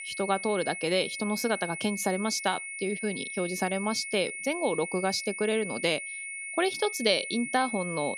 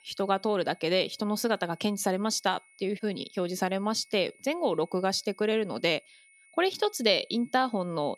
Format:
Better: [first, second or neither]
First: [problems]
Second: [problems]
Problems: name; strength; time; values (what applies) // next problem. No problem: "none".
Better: second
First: high-pitched whine; loud; throughout; 2 kHz, 6 dB below the speech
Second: high-pitched whine; faint; throughout; 2 kHz, 30 dB below the speech